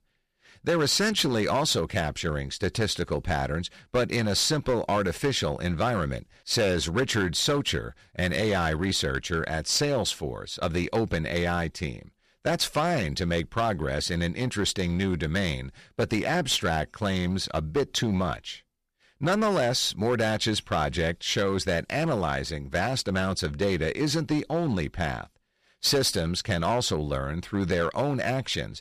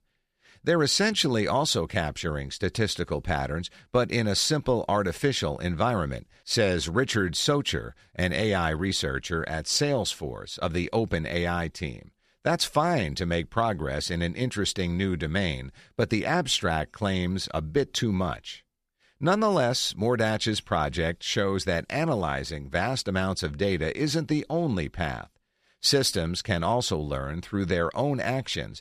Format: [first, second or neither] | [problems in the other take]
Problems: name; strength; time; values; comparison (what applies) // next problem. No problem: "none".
second | distortion; slight; 6% of the sound clipped